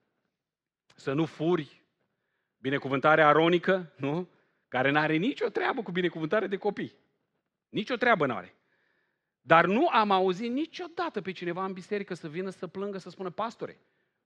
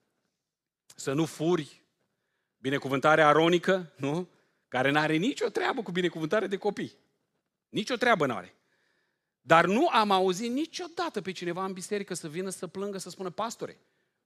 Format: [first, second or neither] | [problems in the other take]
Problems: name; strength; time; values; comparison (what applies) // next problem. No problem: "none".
second | muffled; slightly; fading above 2.5 kHz